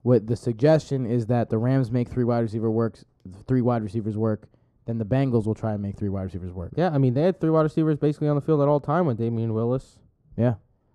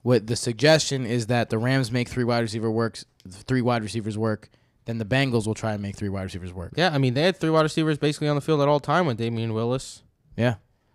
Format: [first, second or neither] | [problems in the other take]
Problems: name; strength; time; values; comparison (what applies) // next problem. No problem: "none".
second | muffled; very; fading above 1 kHz